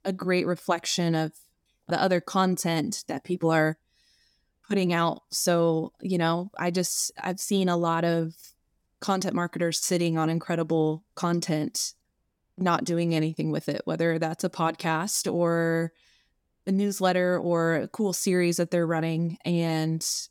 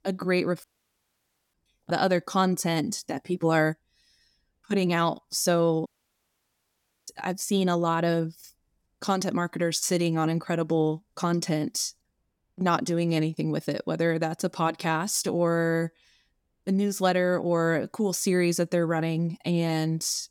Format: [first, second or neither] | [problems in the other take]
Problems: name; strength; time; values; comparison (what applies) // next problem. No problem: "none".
first | audio cutting out; at 0.5 s for 1 s and at 6 s for 1 s